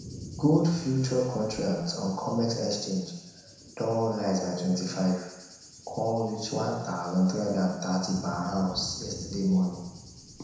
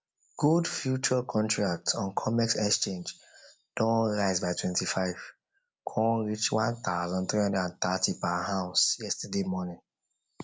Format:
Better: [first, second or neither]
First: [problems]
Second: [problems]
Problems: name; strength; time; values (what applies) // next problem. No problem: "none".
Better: second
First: background sound (Thunder / Cricket); 17 dB below the speech // room echo; dies away in 1 s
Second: none